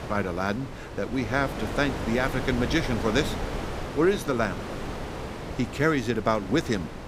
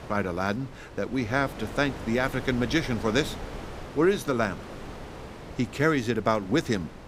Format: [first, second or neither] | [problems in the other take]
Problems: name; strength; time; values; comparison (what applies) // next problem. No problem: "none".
second | wind noise on the microphone; heavy; 8 dB below the speech; occasional gusts in the second